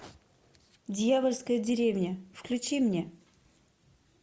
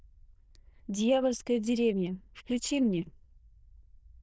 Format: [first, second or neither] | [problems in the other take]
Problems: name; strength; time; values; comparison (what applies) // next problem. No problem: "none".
first | noise reduction (neural diffusion model UNIVERSE++)